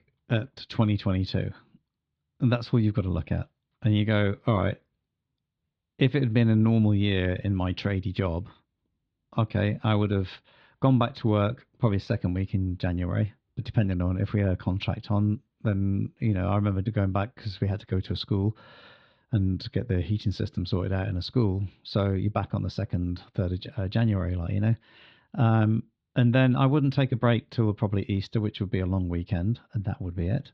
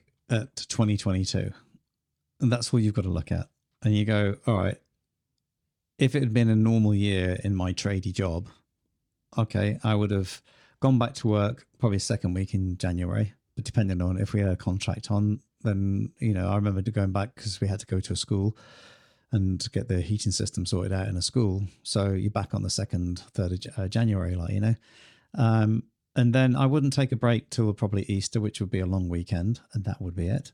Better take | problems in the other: second | muffled; slightly; fading above 4 kHz

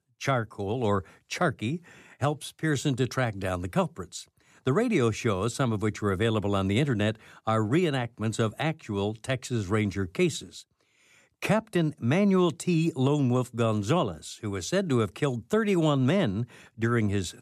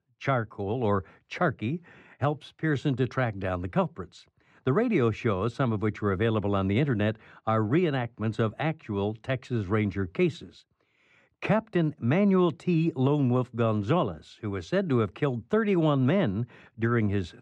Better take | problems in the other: first | muffled; slightly; fading above 2.5 kHz

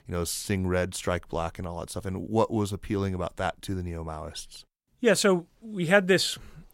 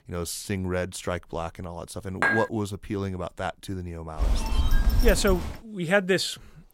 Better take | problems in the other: first | clattering dishes; loud; at 2 s; peak 4 dB above the speech // phone ringing; loud; from 4 to 5.5 s; peak 3 dB above the speech

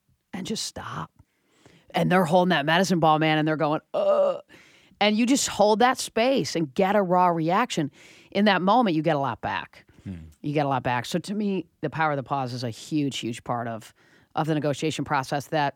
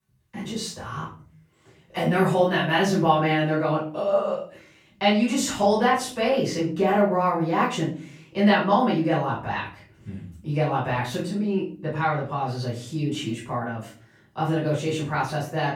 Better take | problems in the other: first | room echo; noticeable; dies away in 0.4 s // off-mic speech; far

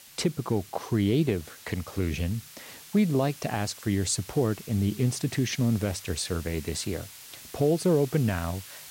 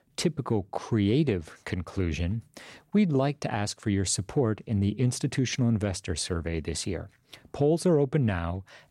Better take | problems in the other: second | hiss; noticeable; throughout; 15 dB below the speech

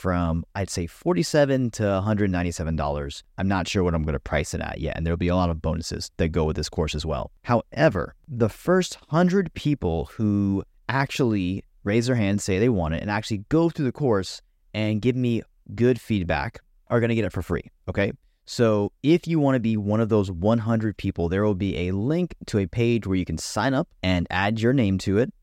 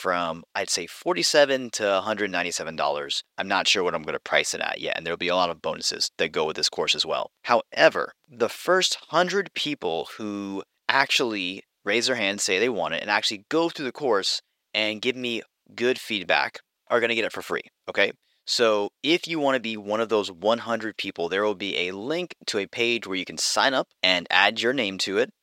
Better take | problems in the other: first | thin; somewhat; fading below 500 Hz

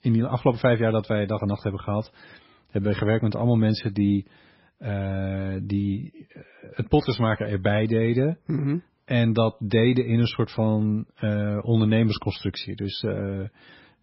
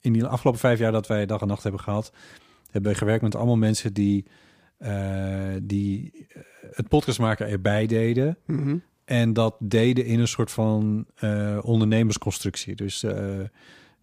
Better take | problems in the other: second | garbled, watery; badly; nothing above 5.5 kHz

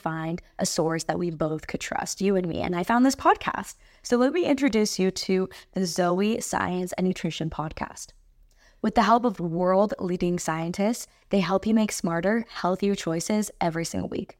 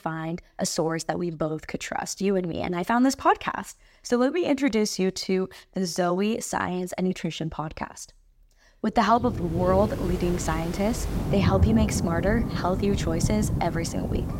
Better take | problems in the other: first | rain or running water; loud; from 9.5 s on; 3 dB below the speech

